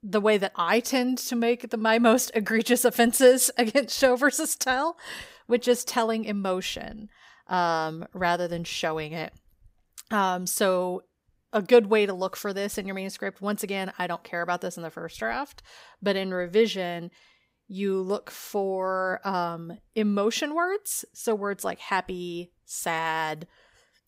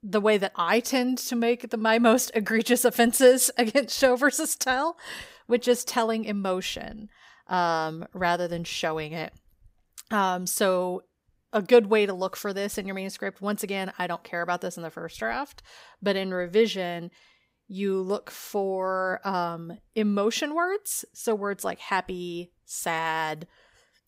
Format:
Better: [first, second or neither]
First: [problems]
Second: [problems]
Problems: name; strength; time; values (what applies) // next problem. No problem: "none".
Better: neither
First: none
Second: none